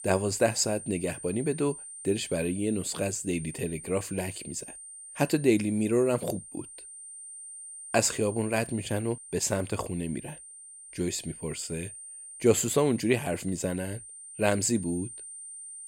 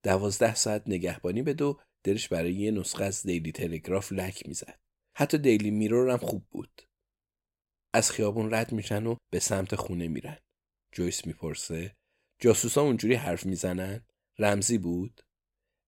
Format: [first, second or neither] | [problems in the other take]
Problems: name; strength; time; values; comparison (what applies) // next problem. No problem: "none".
second | high-pitched whine; noticeable; throughout; 9 kHz, 15 dB below the speech